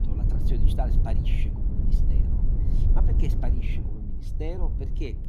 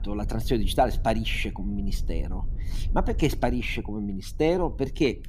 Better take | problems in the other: second | low rumble; loud; throughout; 2 dB below the speech; faint in the second

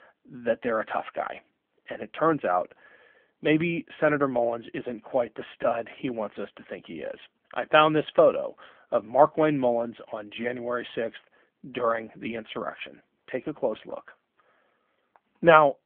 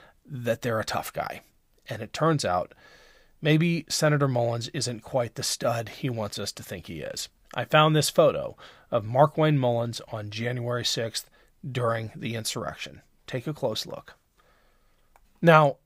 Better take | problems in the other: second | phone-call audio; nothing above 3.5 kHz

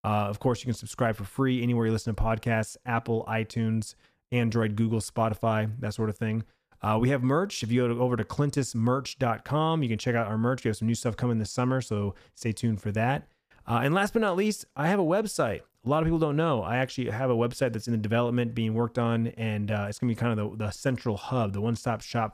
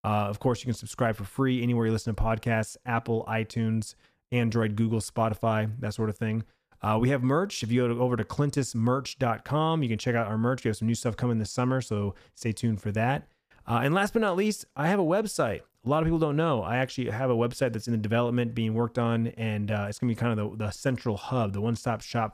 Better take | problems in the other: neither | none

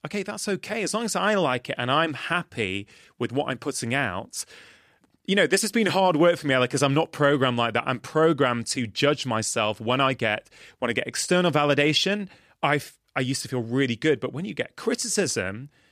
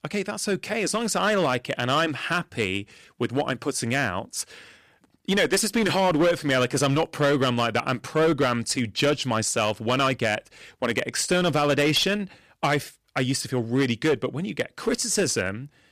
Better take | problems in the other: first | distortion; slight; 7% of the sound clipped

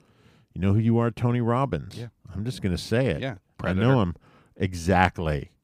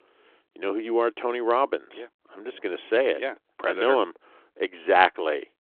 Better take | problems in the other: first | phone-call audio

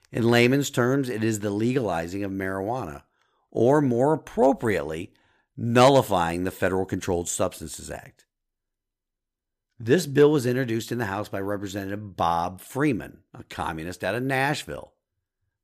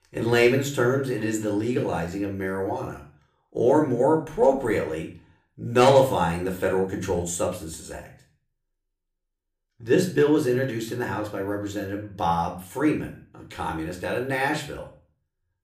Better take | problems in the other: first | room echo; slight; dies away in 0.4 s // off-mic speech; somewhat distant

